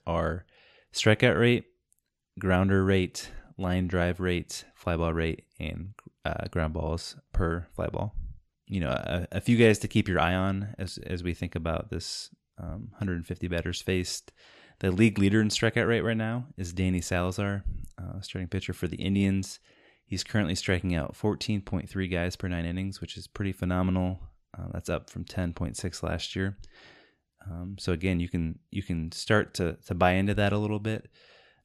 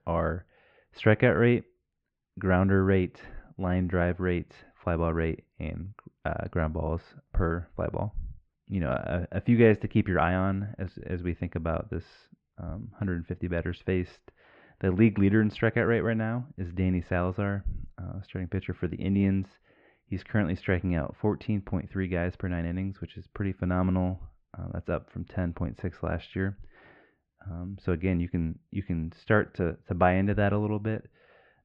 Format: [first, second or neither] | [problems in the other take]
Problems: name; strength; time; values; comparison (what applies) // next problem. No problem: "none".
first | muffled; very; fading above 2 kHz